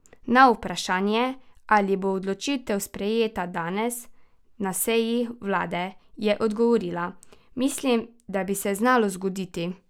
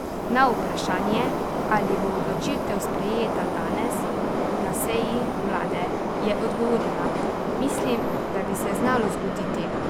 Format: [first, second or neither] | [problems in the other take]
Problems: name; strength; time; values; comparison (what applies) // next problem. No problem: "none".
first | background sound (Subway, metro, underground); 3 dB above the speech